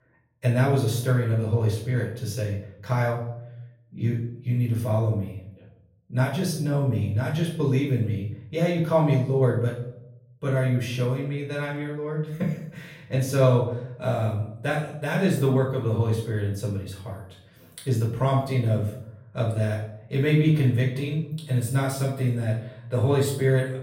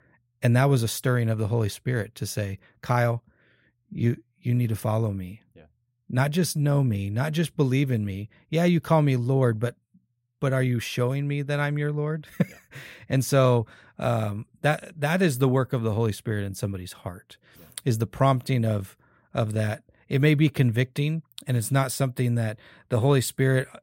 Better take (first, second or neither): second